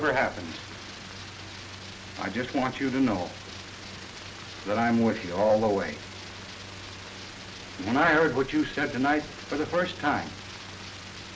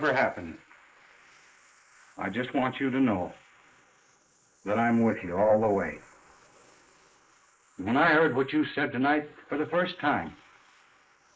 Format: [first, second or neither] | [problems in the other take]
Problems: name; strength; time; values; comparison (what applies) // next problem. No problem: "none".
first | noise reduction (neural mask model Resemble Enhance denoiser)